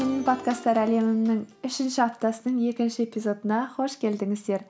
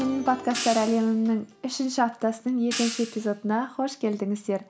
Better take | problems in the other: first | background sound (Hi-hat); 12 dB below the speech

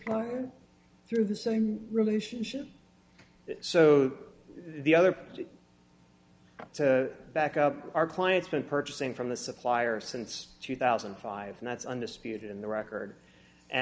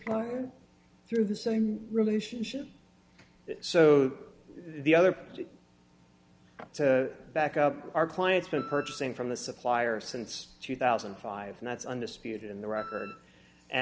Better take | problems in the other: first | background sound (Wind instrument, woodwind instrument); 15 dB below the speech

